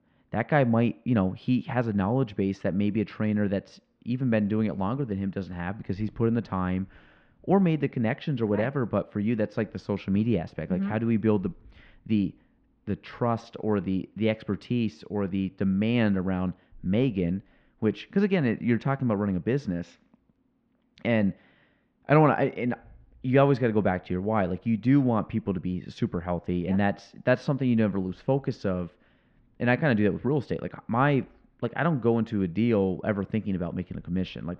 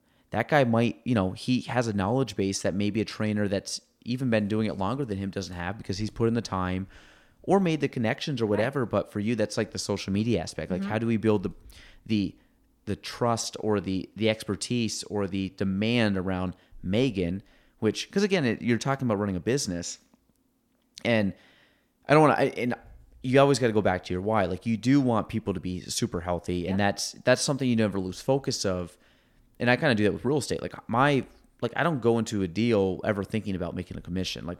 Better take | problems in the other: second | muffled; very; fading above 2.5 kHz

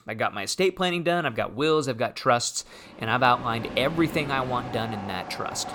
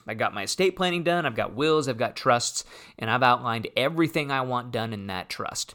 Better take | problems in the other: second | train or aircraft noise; noticeable; from 3 s on; 10 dB below the speech

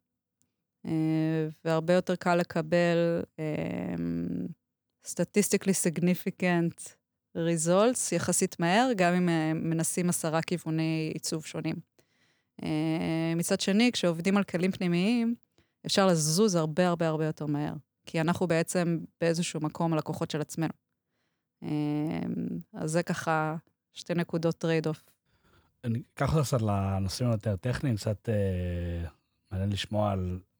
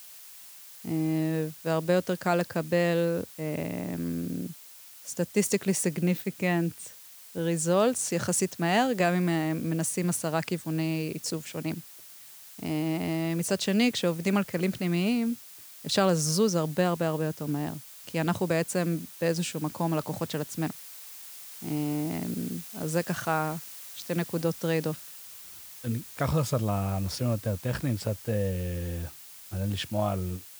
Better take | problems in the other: first | hiss; noticeable; throughout; 15 dB below the speech

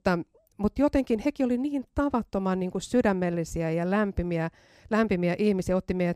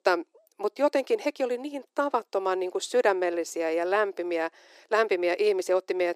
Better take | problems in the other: first | thin; very; fading below 350 Hz

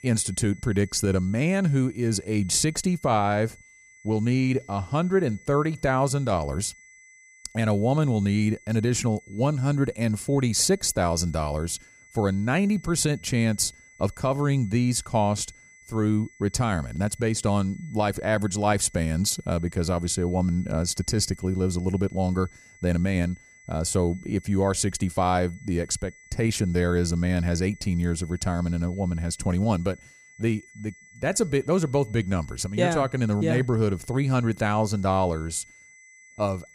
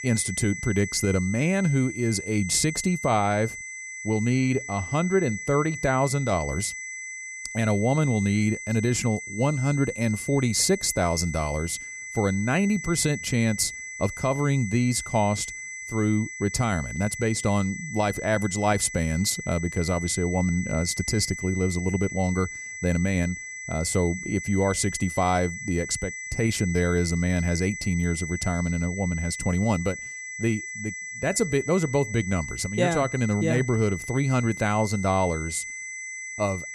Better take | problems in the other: first | high-pitched whine; loud; throughout; 2 kHz, 9 dB below the speech; faint in the first

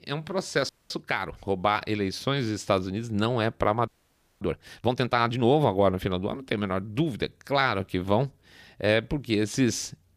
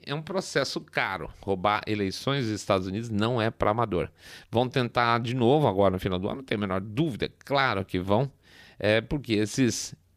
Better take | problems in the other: second | audio freezing; at 0.5 s and at 4 s for 0.5 s

